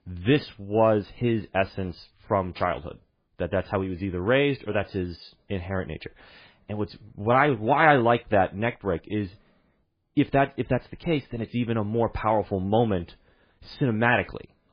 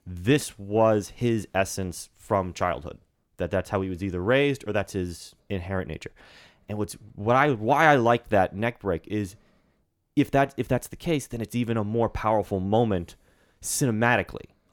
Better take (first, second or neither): second